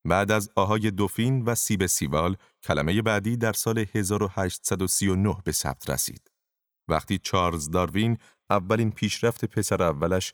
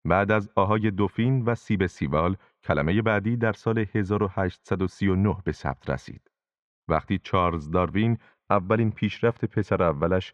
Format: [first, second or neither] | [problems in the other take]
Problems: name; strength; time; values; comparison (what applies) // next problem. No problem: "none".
first | muffled; very; fading above 2.5 kHz